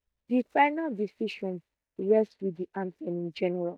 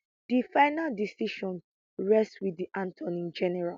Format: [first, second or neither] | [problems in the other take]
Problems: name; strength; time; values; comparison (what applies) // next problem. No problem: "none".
second | noise reduction (neural mask model DeepFilterNet 3)